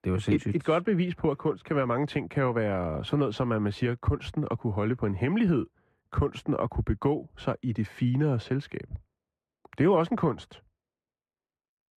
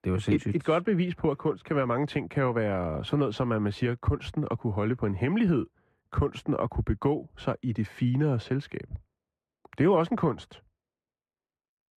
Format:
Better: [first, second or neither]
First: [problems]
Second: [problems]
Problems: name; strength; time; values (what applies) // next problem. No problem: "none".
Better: neither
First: muffled; very; fading above 3.5 kHz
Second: muffled; very; fading above 3.5 kHz